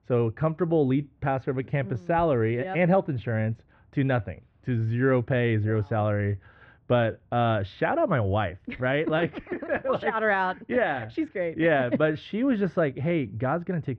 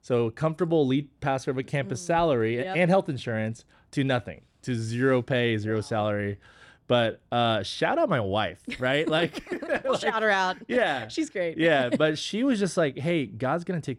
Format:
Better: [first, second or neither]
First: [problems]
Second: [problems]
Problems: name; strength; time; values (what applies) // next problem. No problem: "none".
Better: second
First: muffled; very; fading above 2.5 kHz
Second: none